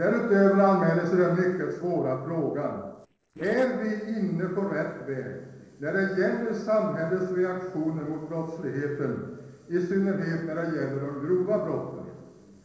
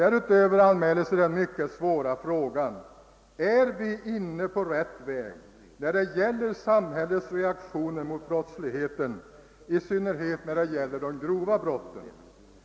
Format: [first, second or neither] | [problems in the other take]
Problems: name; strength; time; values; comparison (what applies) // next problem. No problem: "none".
second | noise reduction (neural separator model SepFormer DNS4)